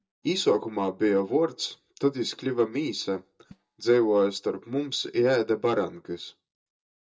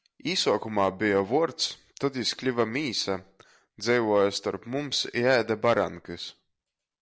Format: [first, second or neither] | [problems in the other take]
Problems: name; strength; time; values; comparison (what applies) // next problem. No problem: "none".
second | noise reduction (neural mask model DeepFilterNet 3)